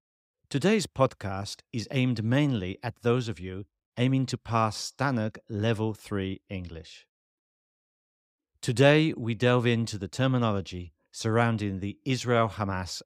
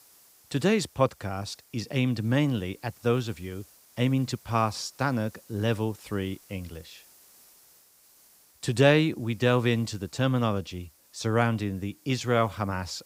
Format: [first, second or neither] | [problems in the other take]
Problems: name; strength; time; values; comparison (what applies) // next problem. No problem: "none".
first | hiss; faint; throughout; 25 dB below the speech